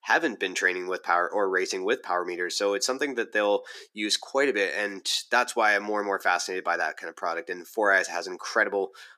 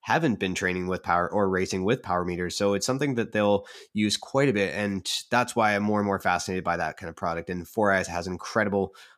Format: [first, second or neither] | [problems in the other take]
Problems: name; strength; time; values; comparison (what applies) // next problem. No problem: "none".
second | thin; somewhat; fading below 350 Hz